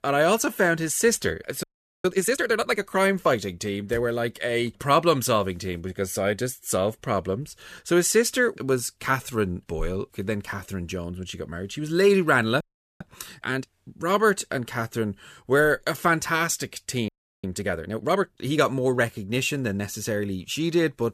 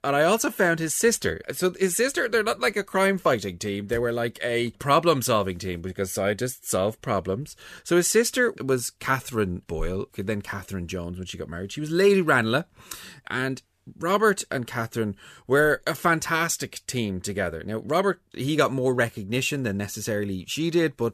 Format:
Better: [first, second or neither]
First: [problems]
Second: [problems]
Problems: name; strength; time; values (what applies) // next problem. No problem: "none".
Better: second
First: audio freezing; at 1.5 s, at 13 s and at 17 s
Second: none